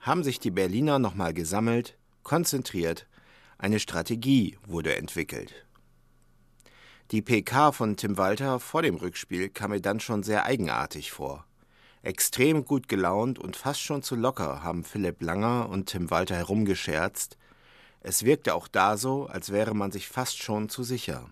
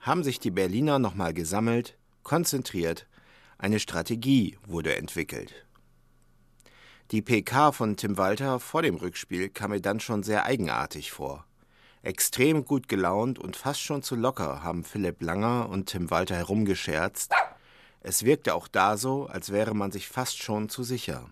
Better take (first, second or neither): first